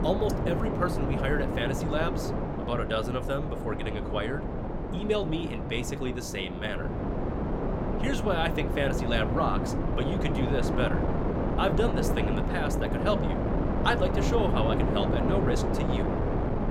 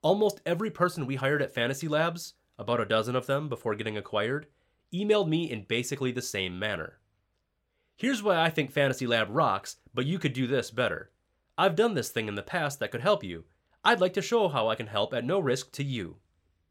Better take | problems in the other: second | wind noise on the microphone; heavy; 2 dB below the speech

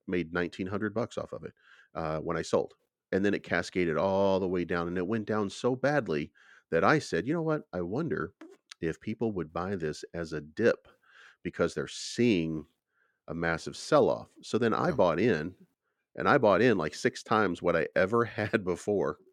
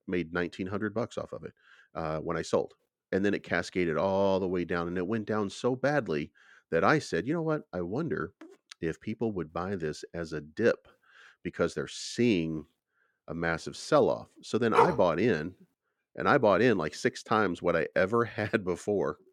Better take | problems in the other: first | dog barking; loud; at 15 s; peak 4 dB above the speech

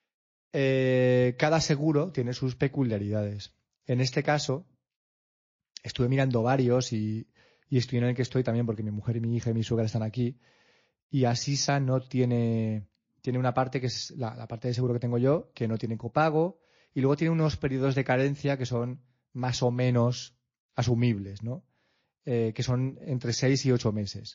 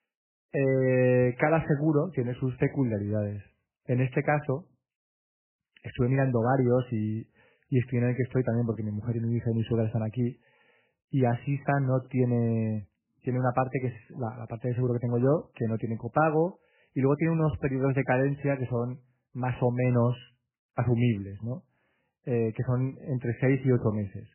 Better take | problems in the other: first | garbled, watery; badly; nothing above 3 kHz; slightly in the first

